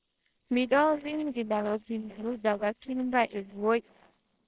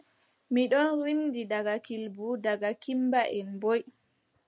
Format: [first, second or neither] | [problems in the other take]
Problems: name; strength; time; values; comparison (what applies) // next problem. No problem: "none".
second | noise reduction (neural separator model SepFormer WHAMR!)